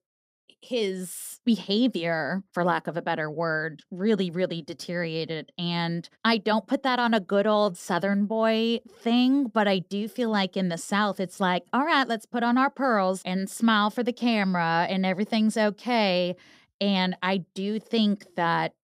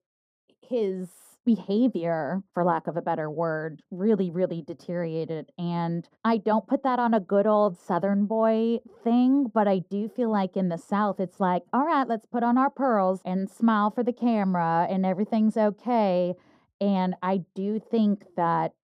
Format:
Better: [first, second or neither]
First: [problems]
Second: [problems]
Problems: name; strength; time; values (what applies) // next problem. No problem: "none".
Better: first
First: none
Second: muffled; very; fading above 1 kHz